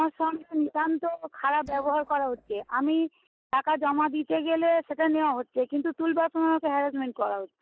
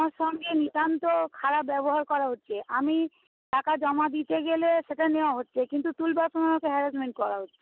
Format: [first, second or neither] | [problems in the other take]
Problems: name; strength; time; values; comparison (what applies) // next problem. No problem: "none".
second | noise reduction (neural mask model DeepFilterNet 3)